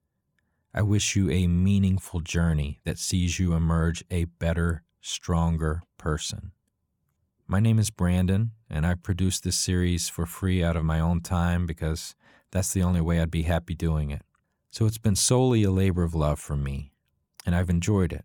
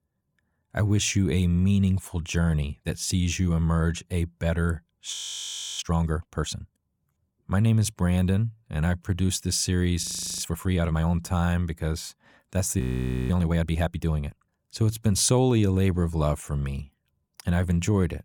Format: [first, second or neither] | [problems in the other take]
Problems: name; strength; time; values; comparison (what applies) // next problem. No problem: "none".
first | audio freezing; at 5 s for 0.5 s, at 10 s and at 13 s